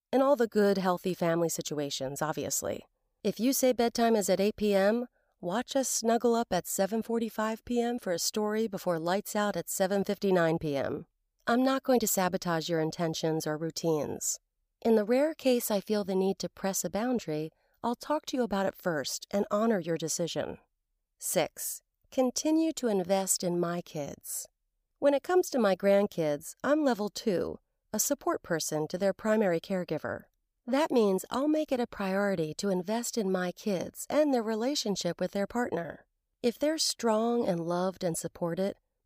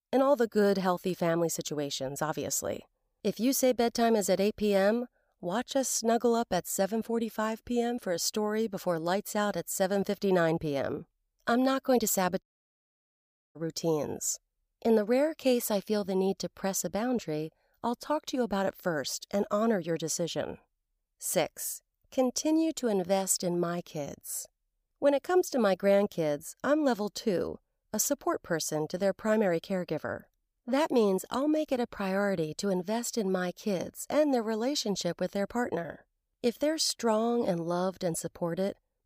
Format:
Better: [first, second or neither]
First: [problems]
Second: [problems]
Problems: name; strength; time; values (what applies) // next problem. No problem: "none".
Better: first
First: none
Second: audio cutting out; at 12 s for 1 s